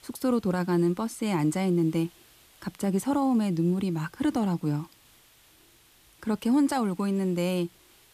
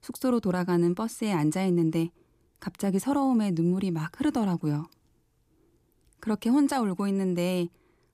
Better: second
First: hiss; faint; throughout; 30 dB below the speech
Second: none

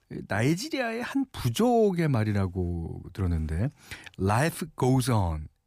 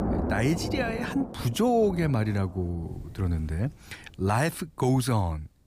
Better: first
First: none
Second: rain or running water; loud; throughout; 9 dB below the speech

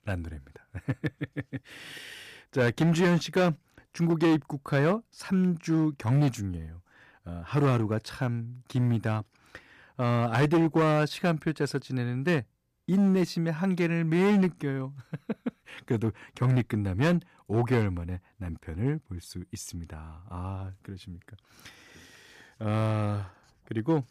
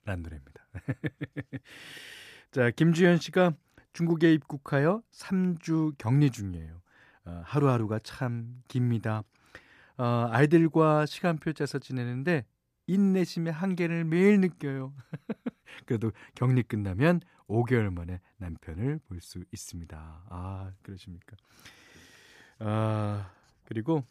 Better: second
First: distortion; slight; 5% of the sound clipped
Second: none

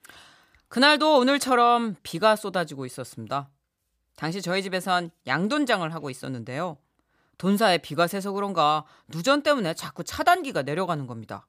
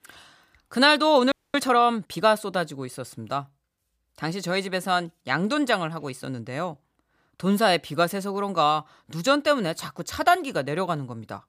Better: first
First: none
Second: audio freezing; at 1.5 s

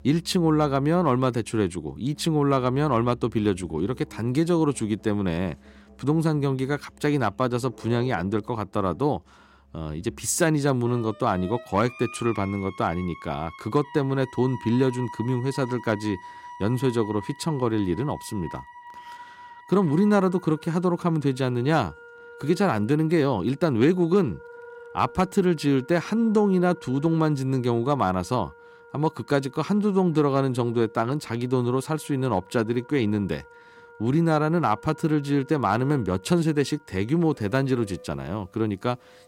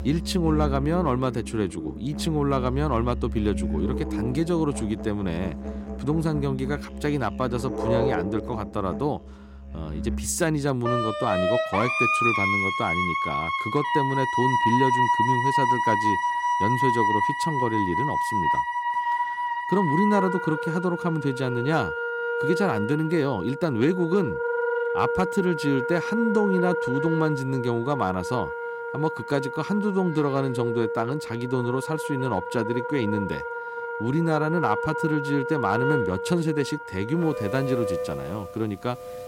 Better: first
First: background music; faint; throughout; 20 dB below the speech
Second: background music; loud; throughout; 1 dB below the speech

